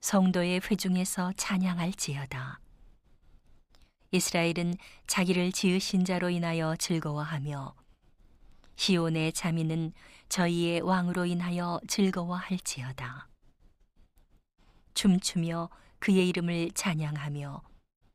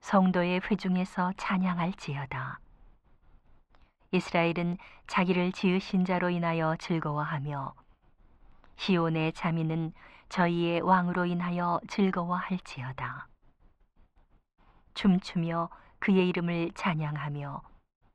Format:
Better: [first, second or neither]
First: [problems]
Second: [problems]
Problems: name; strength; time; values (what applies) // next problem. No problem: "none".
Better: first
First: none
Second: muffled; very; fading above 2.5 kHz